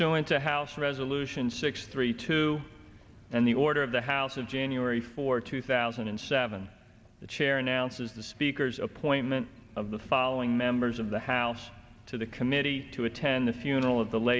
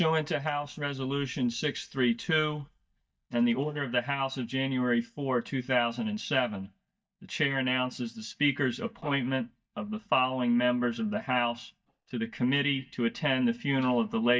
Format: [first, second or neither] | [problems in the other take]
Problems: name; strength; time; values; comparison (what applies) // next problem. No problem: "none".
first | noise reduction (neural mask model DeepFilterNet 3)